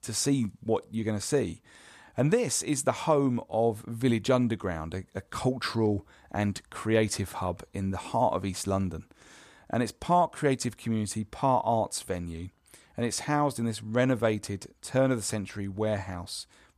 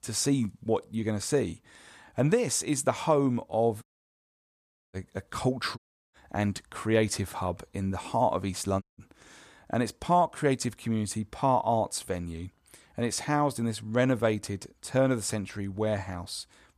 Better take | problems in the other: first | audio cutting out; at 4 s for 1 s, at 6 s and at 9 s

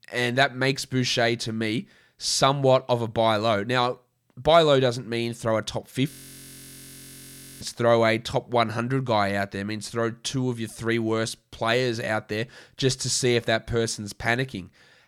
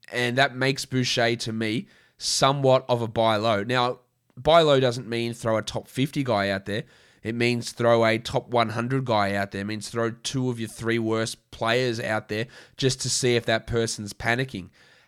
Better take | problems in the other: second | audio freezing; at 6 s for 1.5 s

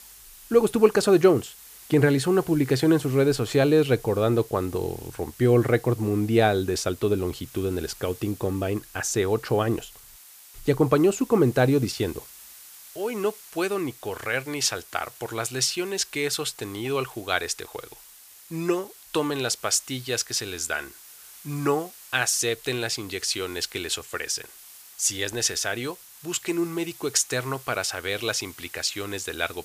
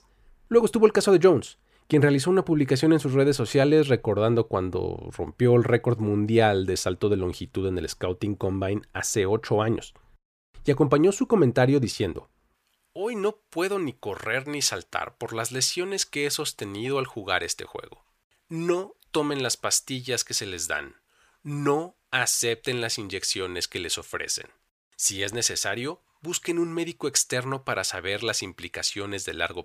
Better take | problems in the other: second | hiss; noticeable; throughout; 20 dB below the speech

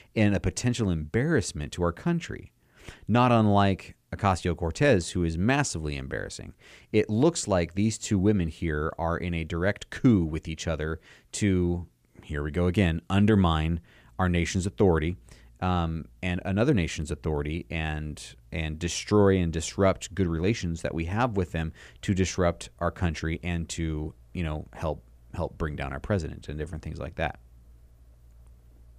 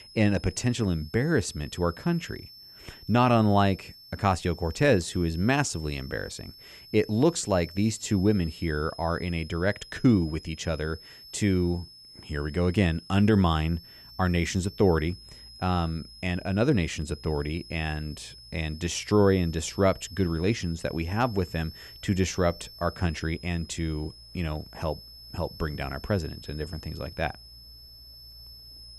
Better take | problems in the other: first | high-pitched whine; noticeable; throughout; 5.5 kHz, 20 dB below the speech

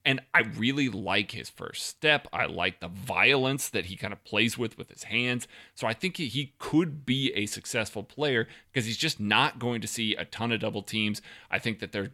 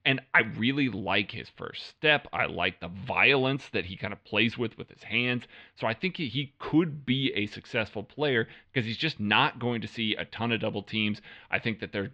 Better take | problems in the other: first | muffled; slightly; fading above 3.5 kHz

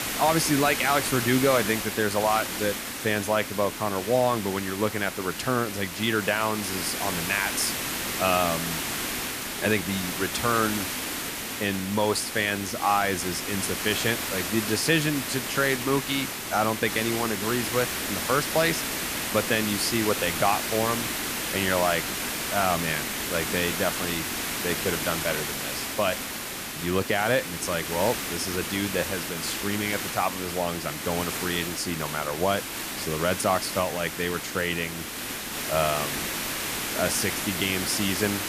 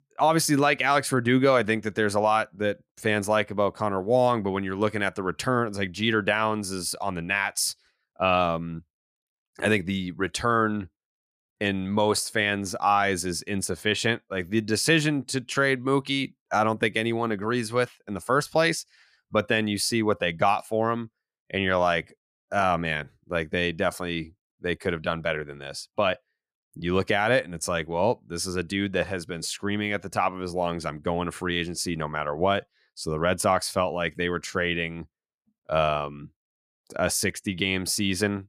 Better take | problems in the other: second | hiss; loud; throughout; 2 dB below the speech

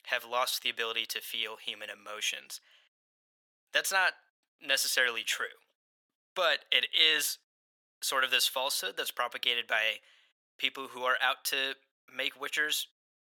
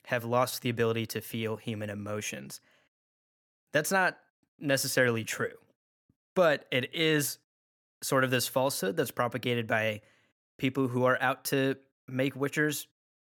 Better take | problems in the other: second | thin; very; fading below 850 Hz

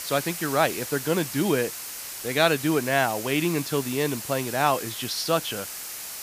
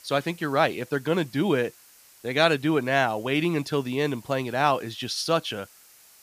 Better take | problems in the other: second | hiss; loud; throughout; 8 dB below the speech; faint in the second

